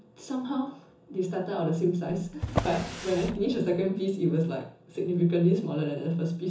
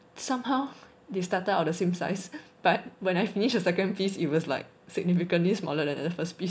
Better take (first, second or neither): second